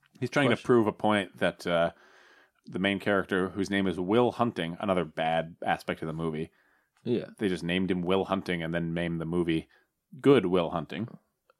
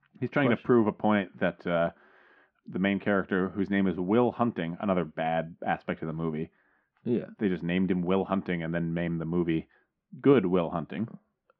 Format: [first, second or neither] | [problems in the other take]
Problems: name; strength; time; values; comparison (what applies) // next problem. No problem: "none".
first | muffled; very; fading above 2.5 kHz